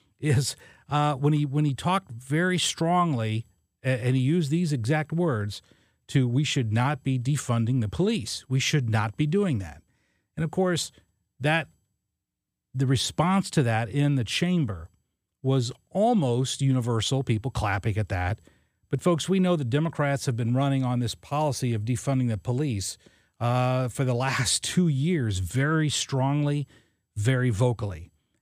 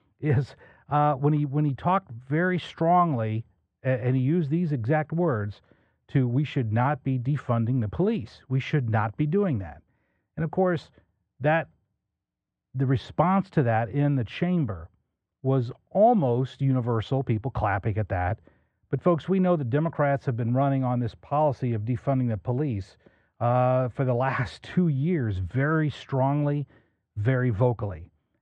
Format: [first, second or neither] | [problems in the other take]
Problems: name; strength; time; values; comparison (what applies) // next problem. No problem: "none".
first | muffled; very; fading above 1.5 kHz